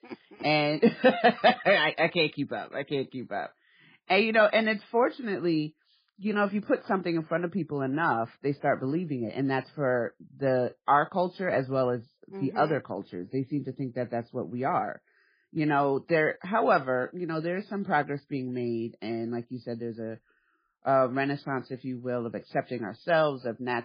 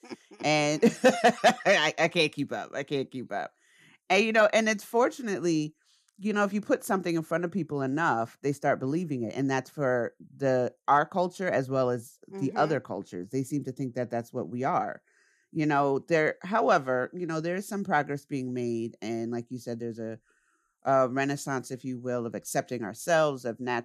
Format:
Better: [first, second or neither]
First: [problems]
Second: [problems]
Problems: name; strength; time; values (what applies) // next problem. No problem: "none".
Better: second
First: garbled, watery; badly; nothing above 4 kHz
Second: none